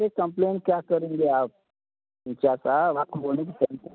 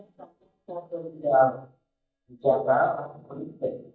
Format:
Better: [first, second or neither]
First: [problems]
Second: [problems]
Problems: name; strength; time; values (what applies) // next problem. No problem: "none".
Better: first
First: none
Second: noise reduction (neural mask model DeepFilterNet 3)